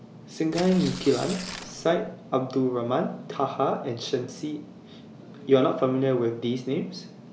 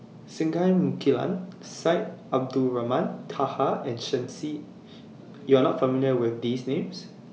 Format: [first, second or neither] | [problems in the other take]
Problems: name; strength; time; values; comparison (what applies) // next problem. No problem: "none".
second | background sound (Tearing); 12 dB below the speech